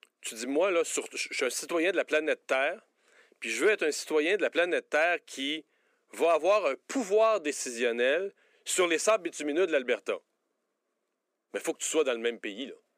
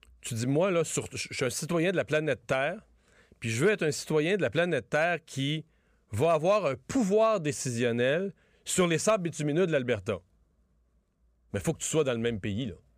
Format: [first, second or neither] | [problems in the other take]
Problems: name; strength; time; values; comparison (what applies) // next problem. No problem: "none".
second | thin; somewhat; fading below 300 Hz